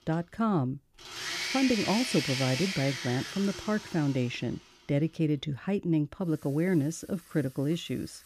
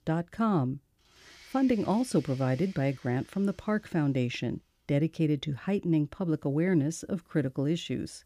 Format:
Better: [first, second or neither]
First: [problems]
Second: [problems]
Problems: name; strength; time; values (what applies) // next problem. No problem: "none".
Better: second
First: household noises; loud; throughout; 4 dB below the speech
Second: household noises; faint; throughout; 25 dB below the speech